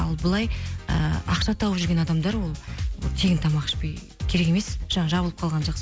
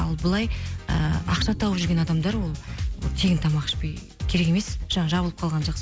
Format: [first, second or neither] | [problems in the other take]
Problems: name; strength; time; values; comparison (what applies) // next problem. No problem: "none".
first | background sound (Wild animals); 18 dB below the speech